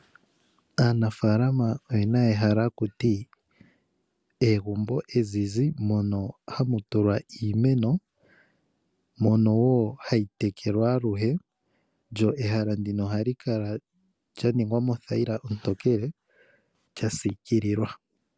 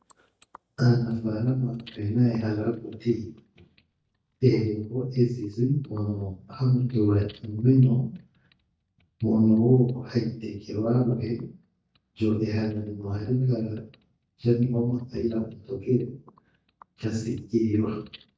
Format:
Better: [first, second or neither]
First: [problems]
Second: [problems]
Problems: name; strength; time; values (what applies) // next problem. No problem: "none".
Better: first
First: none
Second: noise reduction (neural mask model DeepFilterNet 3)